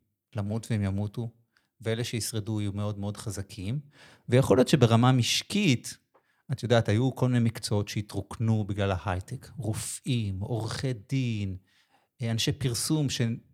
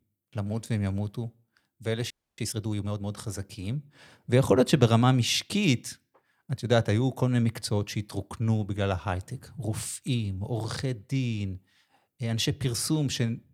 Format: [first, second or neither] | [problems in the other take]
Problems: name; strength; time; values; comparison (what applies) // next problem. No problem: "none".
first | audio freezing; at 2 s